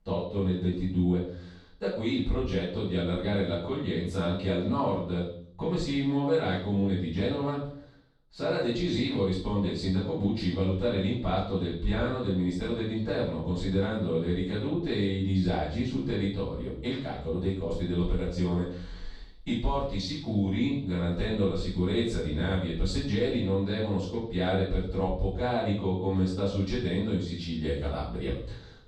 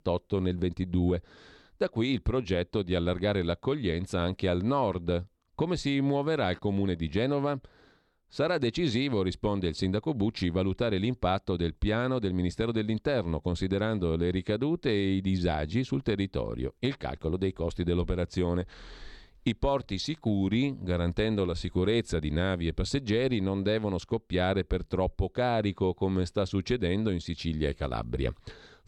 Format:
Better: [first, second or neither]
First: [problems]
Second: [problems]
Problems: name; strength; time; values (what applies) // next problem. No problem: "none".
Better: second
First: off-mic speech; far // room echo; noticeable; dies away in 0.5 s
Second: none